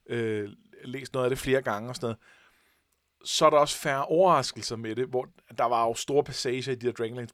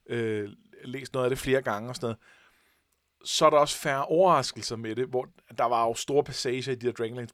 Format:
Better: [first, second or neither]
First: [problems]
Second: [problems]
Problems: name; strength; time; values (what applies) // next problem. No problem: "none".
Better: neither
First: none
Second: none